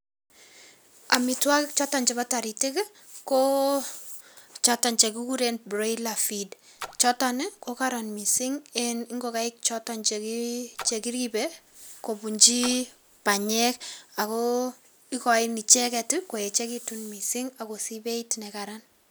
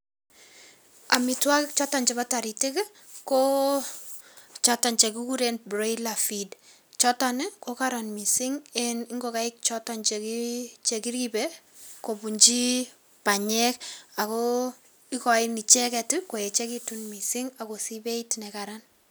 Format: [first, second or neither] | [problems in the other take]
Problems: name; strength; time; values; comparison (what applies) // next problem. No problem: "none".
second | background sound (Splash, splatter); 19 dB below the speech